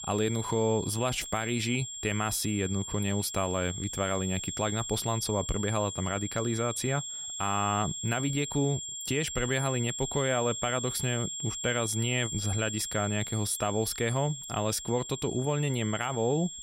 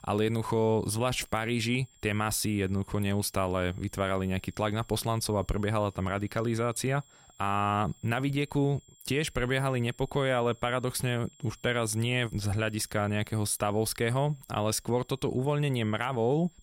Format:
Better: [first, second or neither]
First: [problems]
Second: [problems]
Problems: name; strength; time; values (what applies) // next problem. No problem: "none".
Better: second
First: high-pitched whine; loud; throughout; 7.5 kHz, 5 dB below the speech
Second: high-pitched whine; faint; throughout; 7.5 kHz, 30 dB below the speech